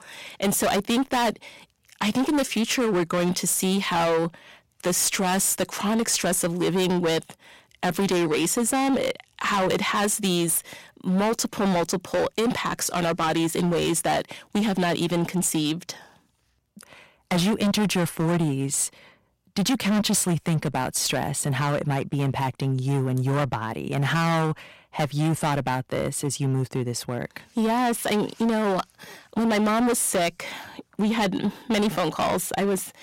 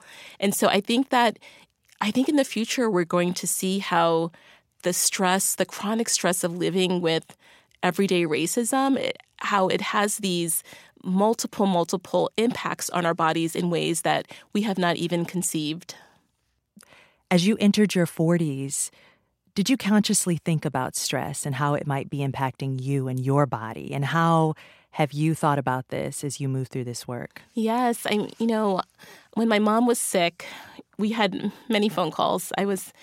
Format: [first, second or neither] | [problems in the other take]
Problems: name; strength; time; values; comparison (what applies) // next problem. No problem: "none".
second | distortion; heavy; 18% of the sound clipped